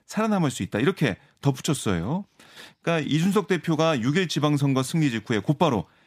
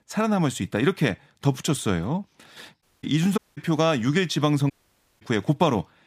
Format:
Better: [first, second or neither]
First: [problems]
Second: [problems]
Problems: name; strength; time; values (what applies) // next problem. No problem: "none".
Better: first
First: none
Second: audio cutting out; at 3 s, at 3.5 s and at 4.5 s for 0.5 s